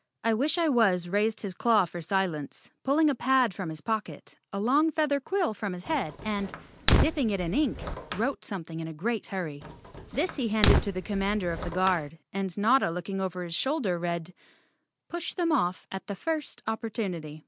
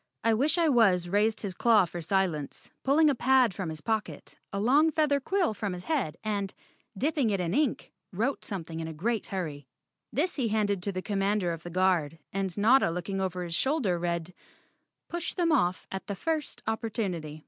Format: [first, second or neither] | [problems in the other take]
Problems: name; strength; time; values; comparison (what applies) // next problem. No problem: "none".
second | background sound (Fire); 1 dB below the speech